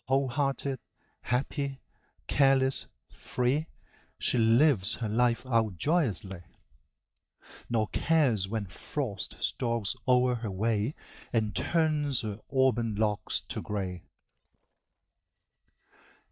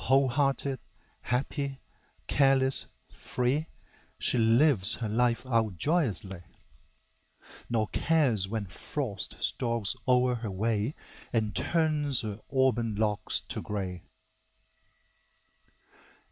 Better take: second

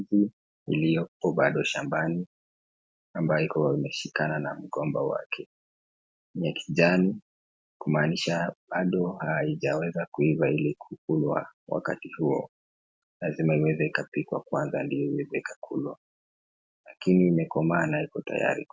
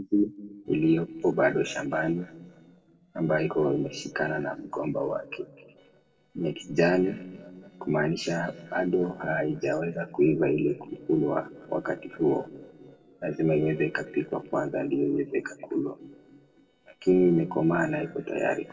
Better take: first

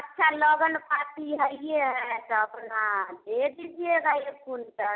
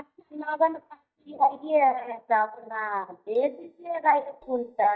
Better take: first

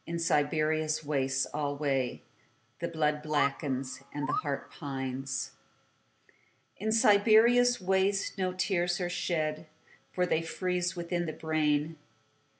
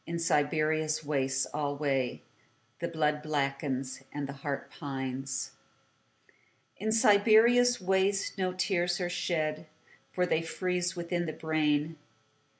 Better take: second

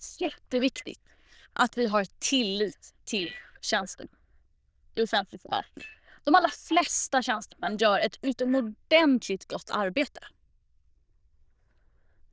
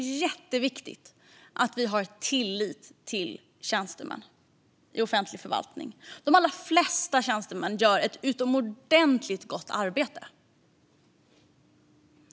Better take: second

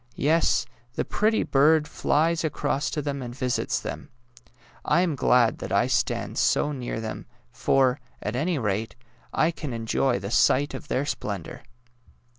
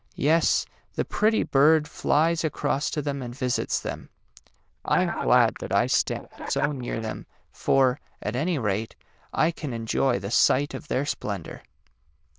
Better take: first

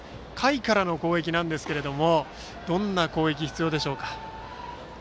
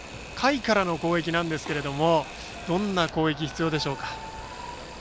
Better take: first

